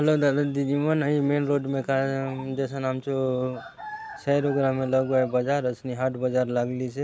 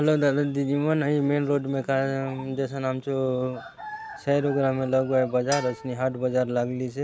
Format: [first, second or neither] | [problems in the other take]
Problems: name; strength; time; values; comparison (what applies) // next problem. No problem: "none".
first | background sound (Bowed string instrument); 15 dB below the speech